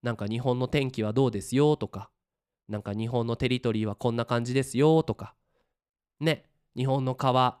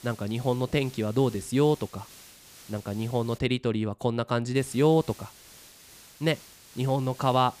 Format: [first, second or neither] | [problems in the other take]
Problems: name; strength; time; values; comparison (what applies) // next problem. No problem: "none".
first | hiss; faint; until 3.5 s and from 4.5 s on; 20 dB below the speech